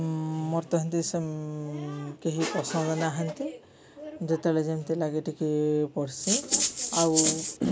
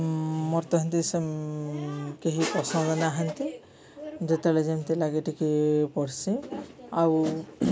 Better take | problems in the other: second | background sound (Rattle (instrument)); 2 dB above the speech

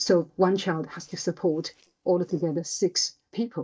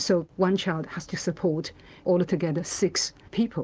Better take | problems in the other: second | noise reduction (neural mask model DeepFilterNet 3)

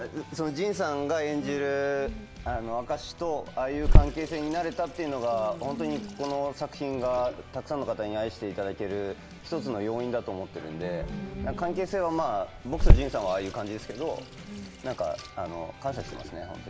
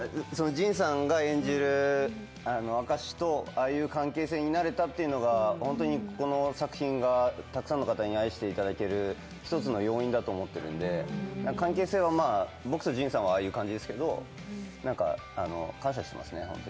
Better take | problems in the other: second | background sound (Sink (filling or washing) / Water tap, faucet); 1 dB above the speech

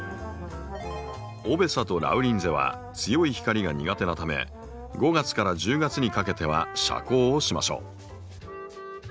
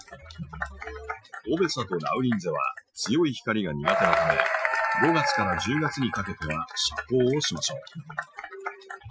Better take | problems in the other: first | noise reduction (classical method Wiener filter)

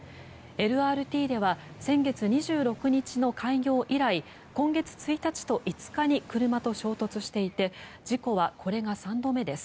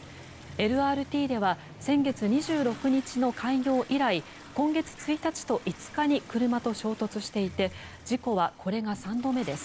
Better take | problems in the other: first | background sound (Toilet flush); 20 dB below the speech

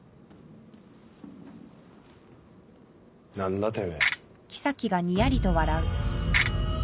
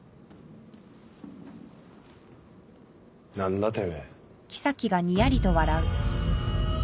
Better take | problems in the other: second | background sound (Ratchet, pawl); 2 dB above the speech

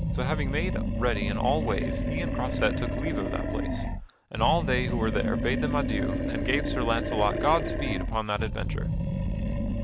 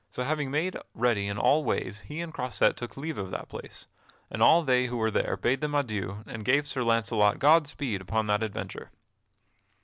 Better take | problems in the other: second | background sound (Animal); 2 dB above the speech

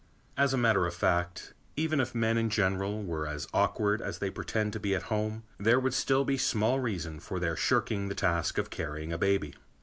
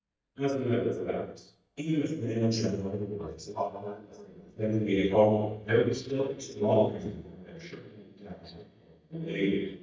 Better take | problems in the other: first | noise reduction (neural mask model DeepFilterNet 3)

